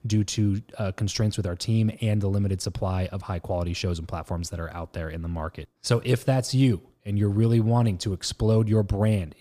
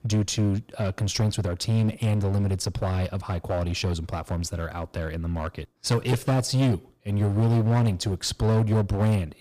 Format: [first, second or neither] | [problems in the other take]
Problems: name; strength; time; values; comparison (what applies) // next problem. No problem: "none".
first | distortion; slight; 13% of the sound clipped